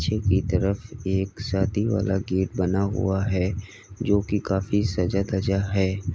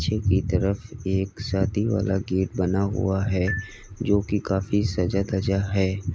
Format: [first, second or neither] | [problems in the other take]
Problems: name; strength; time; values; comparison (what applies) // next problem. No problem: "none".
first | background sound (Marimba, xylophone); 16 dB below the speech